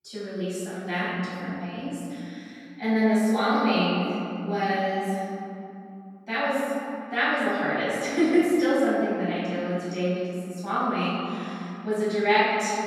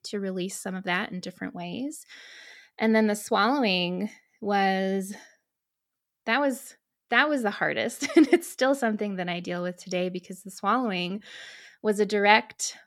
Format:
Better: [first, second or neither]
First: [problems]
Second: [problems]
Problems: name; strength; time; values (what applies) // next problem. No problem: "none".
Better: second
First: off-mic speech; far // room echo; strong; dies away in 2.7 s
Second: none